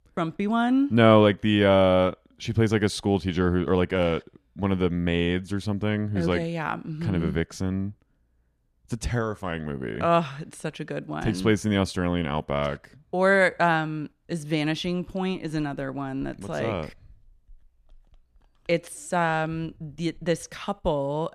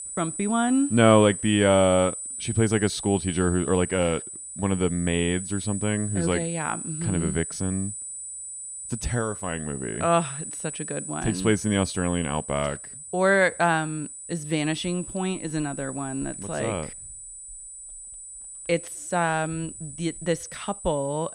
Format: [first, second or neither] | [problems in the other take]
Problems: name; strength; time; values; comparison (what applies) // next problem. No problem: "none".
first | high-pitched whine; loud; throughout; 8 kHz, 9 dB below the speech